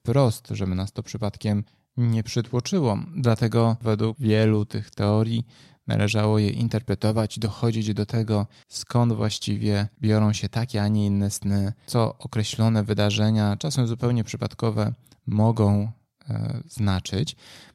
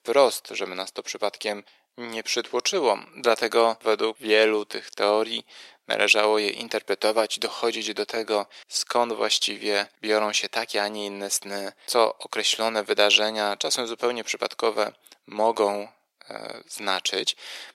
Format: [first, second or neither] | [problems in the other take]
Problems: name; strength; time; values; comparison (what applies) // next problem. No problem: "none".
first | thin; very; fading below 400 Hz